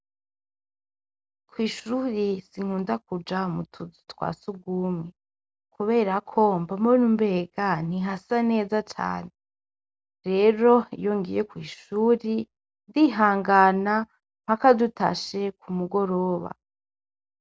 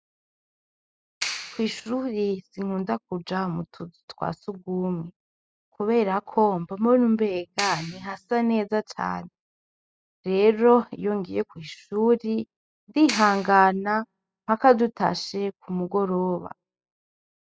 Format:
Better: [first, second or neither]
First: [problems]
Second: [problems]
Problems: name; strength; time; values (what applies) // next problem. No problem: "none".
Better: first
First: none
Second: noise reduction (classical method spectral subtraction)